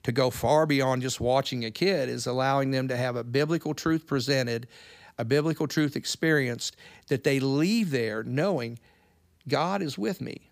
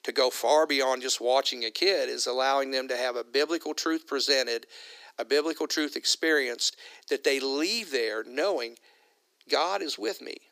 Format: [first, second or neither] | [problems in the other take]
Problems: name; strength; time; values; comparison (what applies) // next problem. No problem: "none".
first | thin; somewhat; fading below 300 Hz